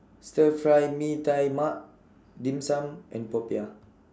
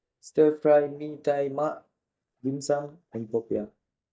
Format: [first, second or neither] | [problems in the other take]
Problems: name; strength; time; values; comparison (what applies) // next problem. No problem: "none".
first | noise reduction (neural mask model DeepFilterNet 3)